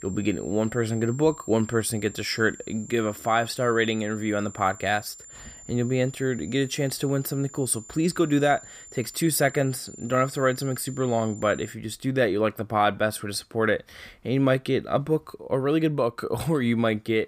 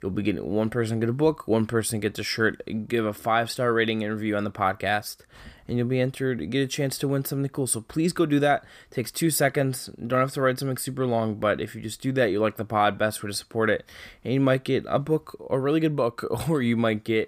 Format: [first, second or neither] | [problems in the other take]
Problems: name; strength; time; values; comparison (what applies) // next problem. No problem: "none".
second | high-pitched whine; noticeable; until 12 s; 7 kHz, 20 dB below the speech